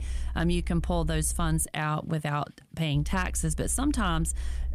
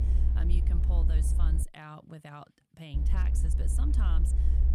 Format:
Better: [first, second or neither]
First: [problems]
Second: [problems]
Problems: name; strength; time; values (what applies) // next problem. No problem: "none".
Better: first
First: low rumble; faint; until 1.5 s and from 3 s on; 25 dB below the speech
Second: low rumble; loud; until 1.5 s and from 3 s on; 1 dB below the speech